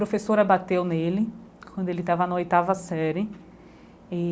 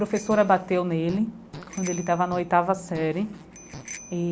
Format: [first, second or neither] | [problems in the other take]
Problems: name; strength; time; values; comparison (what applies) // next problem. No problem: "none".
first | background sound (Bicycle bell + Fart); 17 dB below the speech